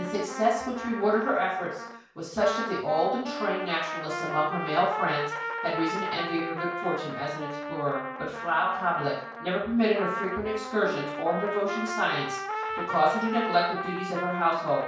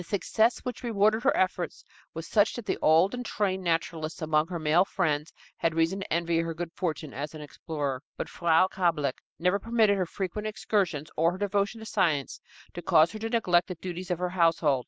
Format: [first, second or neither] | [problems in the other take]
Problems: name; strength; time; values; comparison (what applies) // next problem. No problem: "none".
second | background sound (Trumpet); 6 dB below the speech // room echo; dies away in 0.5 s